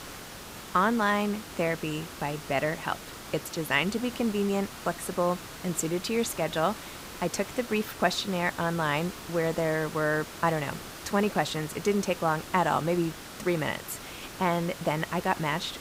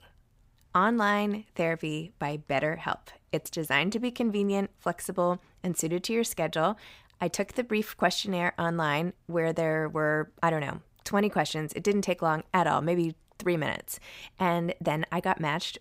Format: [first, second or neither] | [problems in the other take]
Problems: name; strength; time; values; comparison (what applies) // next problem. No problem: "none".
second | hiss; noticeable; throughout; 10 dB below the speech